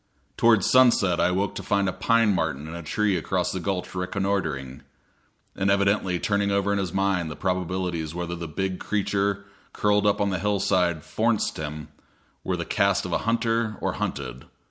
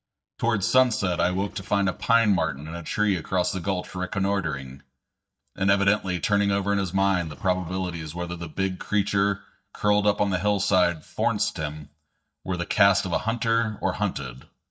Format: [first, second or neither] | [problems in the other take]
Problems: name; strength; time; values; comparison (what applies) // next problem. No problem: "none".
first | noise reduction (neural mask model DeepFilterNet 3)